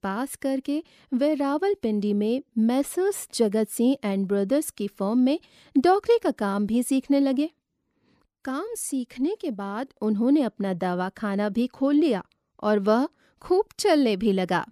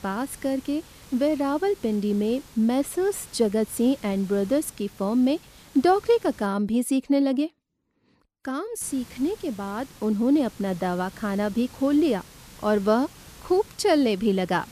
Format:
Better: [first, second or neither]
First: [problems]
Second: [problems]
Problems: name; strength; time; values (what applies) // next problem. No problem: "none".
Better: first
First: none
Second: hiss; faint; until 6.5 s and from 9 s on; 20 dB below the speech